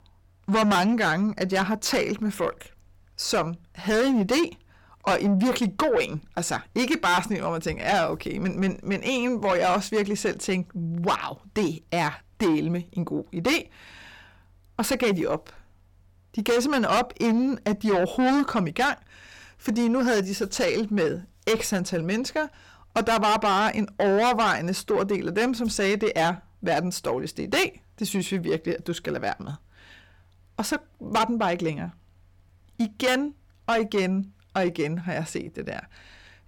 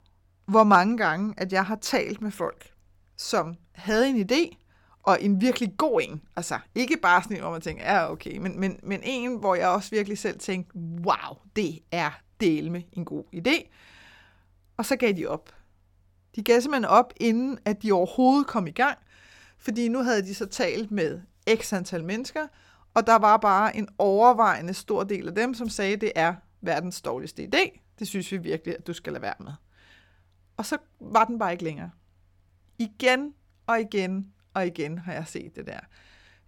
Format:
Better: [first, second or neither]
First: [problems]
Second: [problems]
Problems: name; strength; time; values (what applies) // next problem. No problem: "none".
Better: second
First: distortion; heavy; 6 dB below the speech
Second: none